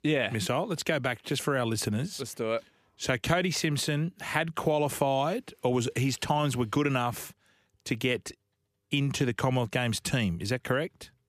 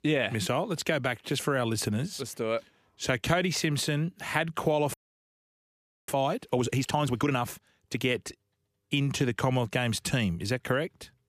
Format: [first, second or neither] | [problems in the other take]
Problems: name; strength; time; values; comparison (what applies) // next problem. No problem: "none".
first | audio freezing; at 5 s for 1 s